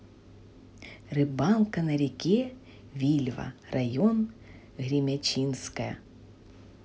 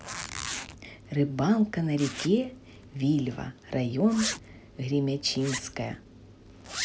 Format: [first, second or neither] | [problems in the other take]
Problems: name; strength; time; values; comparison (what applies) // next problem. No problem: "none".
first | background sound (Zipper (clothing)); 11 dB below the speech